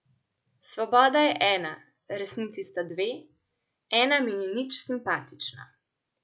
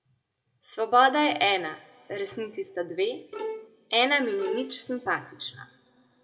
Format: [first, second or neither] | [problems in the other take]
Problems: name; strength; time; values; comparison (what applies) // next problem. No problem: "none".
first | background sound (Bowed string instrument); 10 dB below the speech // room echo; dies away in 1.4 s